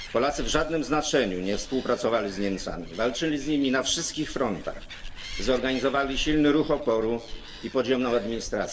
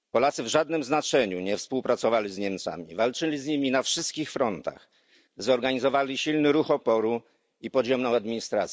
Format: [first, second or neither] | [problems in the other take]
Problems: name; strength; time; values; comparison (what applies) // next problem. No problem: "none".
second | background sound (Animal); 12 dB below the speech // room echo; dies away in 2.1 s